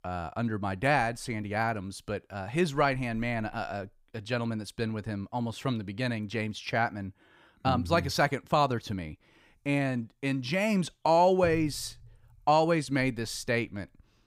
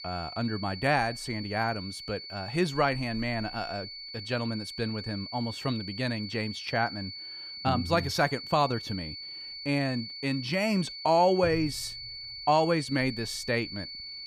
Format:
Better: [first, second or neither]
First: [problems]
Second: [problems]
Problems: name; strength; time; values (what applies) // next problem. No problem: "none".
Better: first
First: none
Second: high-pitched whine; loud; throughout; 4.5 kHz, 9 dB below the speech